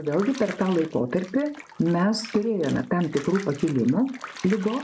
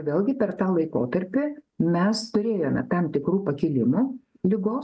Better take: second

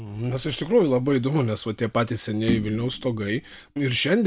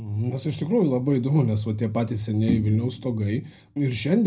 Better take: first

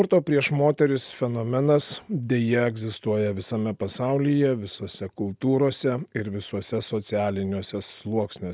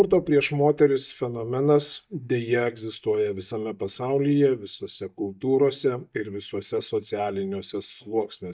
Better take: first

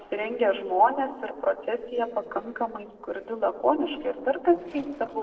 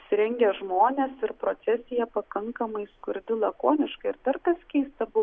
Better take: second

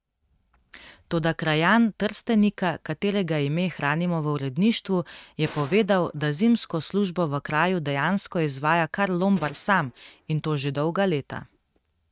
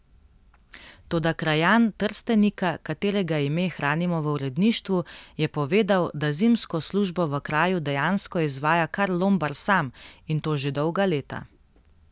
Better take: second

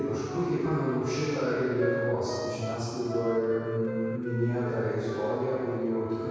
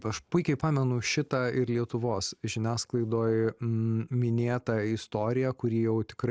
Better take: second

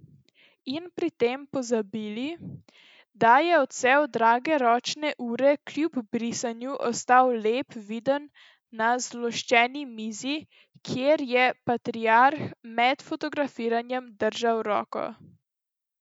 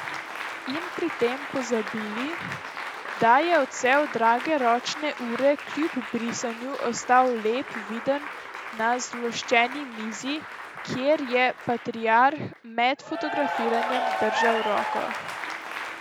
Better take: first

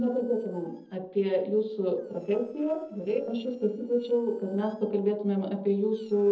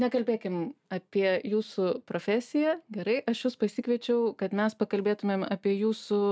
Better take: second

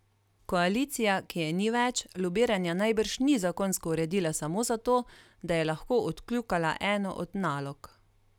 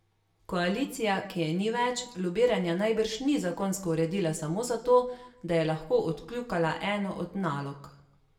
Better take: first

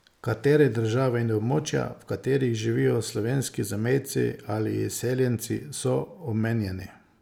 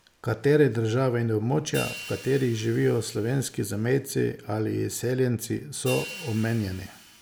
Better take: first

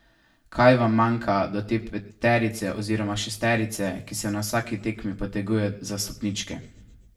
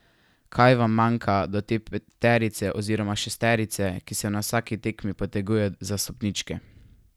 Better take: second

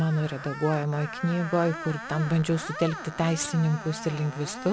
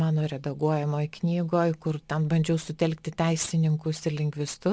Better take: second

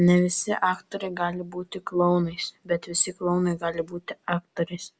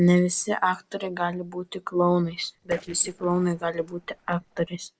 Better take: first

